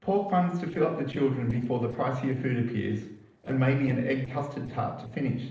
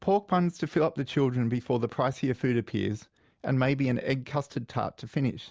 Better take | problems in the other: second | noise reduction (neural separator model SepFormer DNS4)

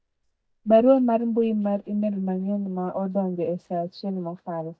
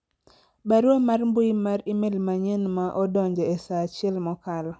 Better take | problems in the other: second | noise reduction (neural mask model DeepFilterNet 3)

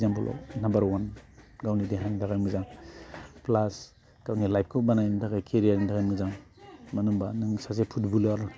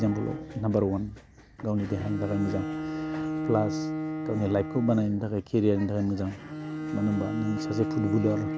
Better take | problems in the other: first | background sound (Bowed string instrument); 5 dB below the speech

